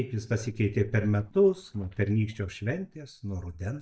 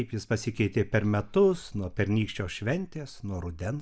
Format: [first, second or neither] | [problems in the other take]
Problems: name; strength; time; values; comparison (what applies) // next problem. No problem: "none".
second | noise reduction (neural mask model DeepFilterNet 3)